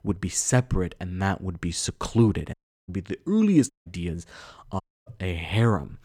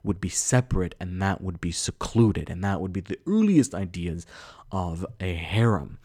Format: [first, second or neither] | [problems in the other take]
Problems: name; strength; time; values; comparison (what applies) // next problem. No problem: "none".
second | audio cutting out; at 2.5 s, at 3.5 s and at 5 s